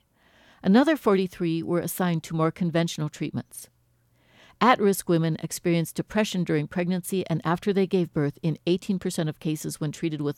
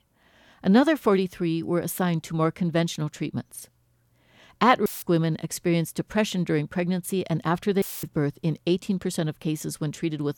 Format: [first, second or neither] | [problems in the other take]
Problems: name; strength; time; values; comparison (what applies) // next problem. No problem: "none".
first | audio cutting out; filled with static; at 5 s and at 8 s